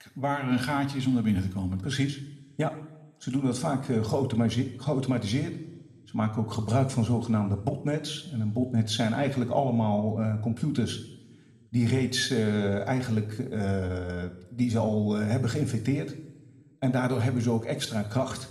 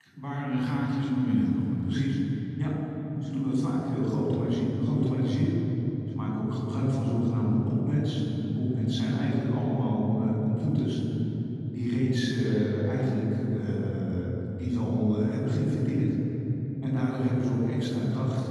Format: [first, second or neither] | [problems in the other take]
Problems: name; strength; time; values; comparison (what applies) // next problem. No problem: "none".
first | room echo; strong; dies away in 3 s; slight in the first // off-mic speech; far